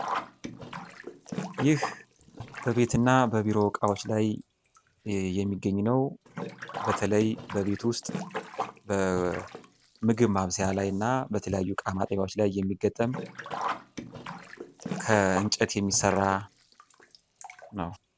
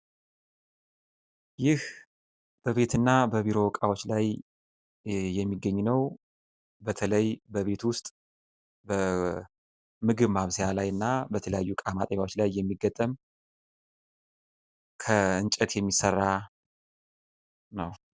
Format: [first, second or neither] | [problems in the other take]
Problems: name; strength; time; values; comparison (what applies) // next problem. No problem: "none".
second | background sound (Sink (filling or washing)); 11 dB below the speech